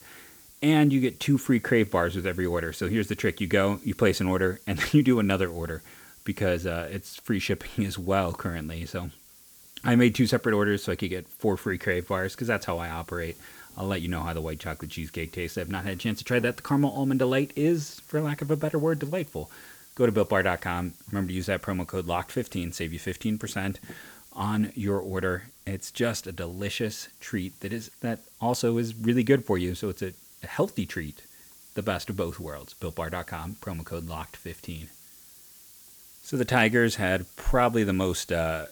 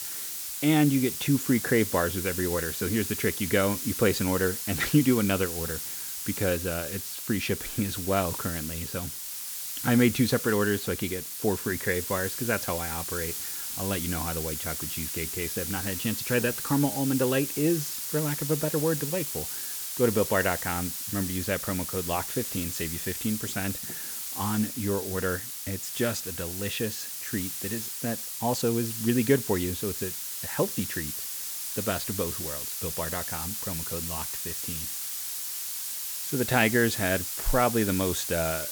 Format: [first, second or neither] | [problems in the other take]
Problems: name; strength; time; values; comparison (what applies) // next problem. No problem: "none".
first | hiss; loud; throughout; 3 dB below the speech; faint in the first